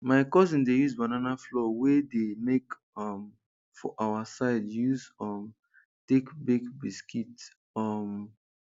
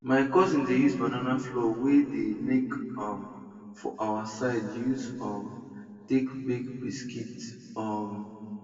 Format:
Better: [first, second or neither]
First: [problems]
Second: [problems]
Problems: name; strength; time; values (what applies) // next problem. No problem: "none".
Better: first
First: none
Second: room echo; dies away in 2.1 s